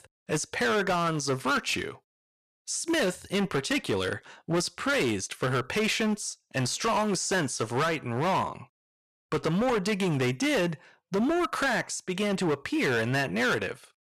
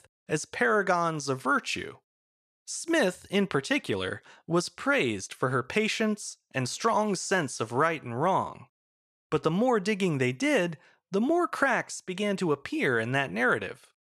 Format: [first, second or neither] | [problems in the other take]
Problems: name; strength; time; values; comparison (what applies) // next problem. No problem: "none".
second | distortion; heavy; 16% of the sound clipped